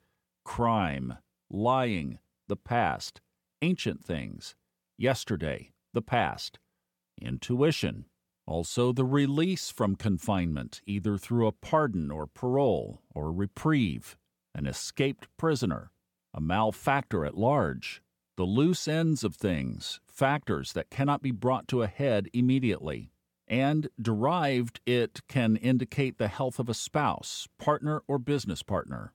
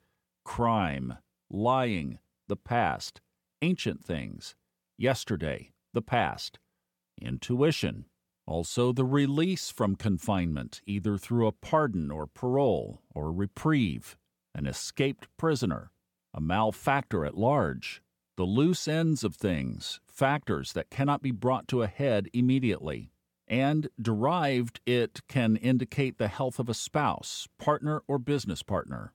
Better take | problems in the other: neither | none

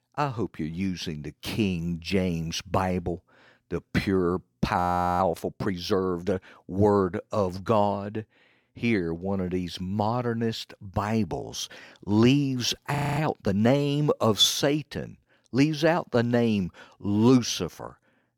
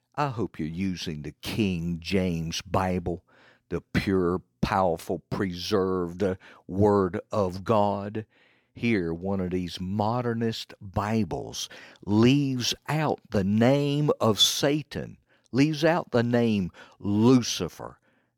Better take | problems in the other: second | audio freezing; at 5 s and at 13 s

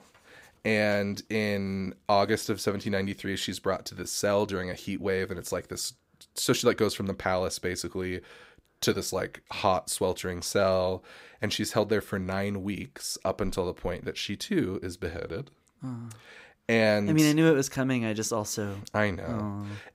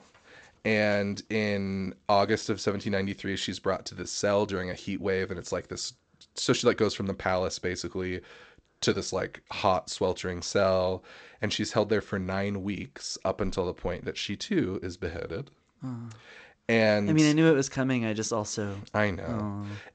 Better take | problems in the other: first | garbled, watery; slightly; nothing above 8 kHz

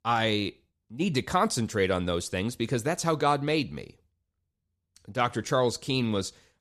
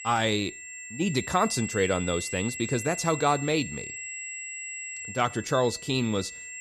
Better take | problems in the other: first | high-pitched whine; loud; throughout; 7.5 kHz, 9 dB below the speech

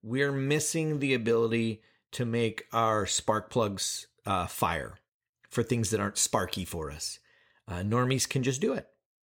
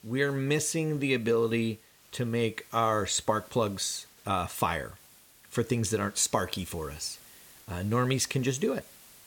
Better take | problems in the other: first | hiss; faint; throughout; 25 dB below the speech

